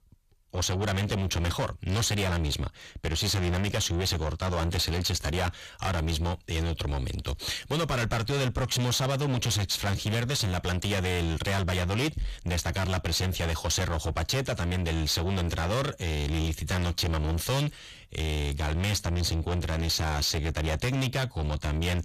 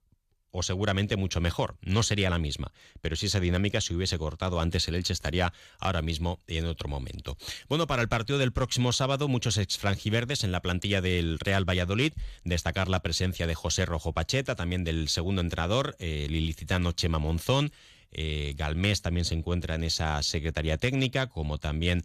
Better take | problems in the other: second | distortion; heavy; 6 dB below the speech

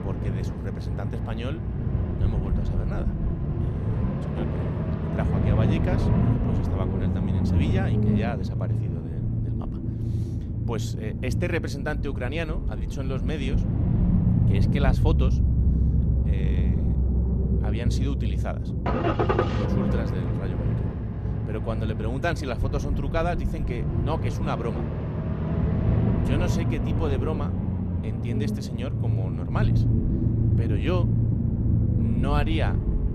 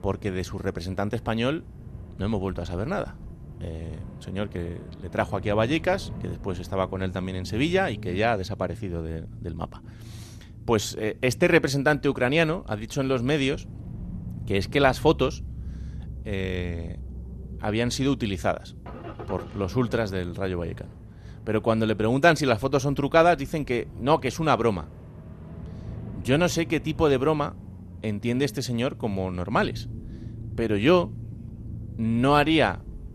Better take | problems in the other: second | low rumble; loud; throughout; as loud as the speech; faint in the second

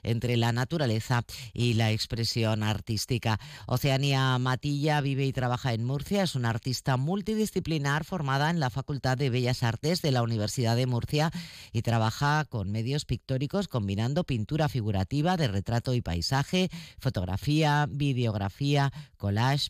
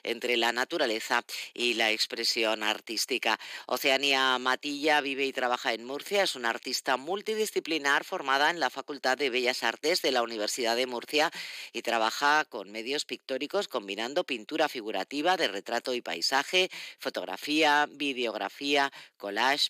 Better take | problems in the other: first | thin; very; fading below 300 Hz

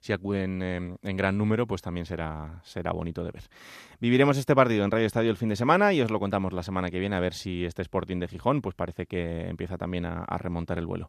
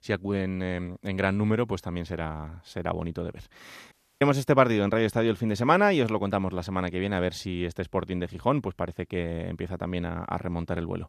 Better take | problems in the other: first | audio cutting out; at 4 s

